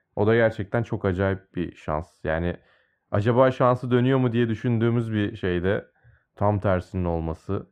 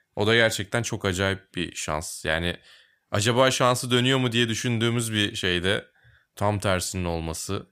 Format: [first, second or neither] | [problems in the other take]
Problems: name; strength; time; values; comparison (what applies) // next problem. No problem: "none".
second | muffled; very; fading above 3 kHz